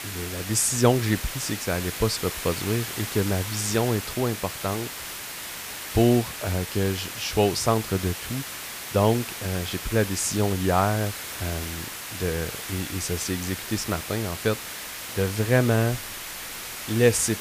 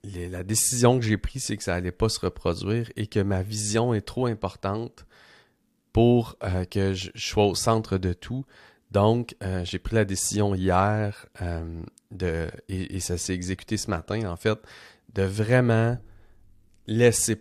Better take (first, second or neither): second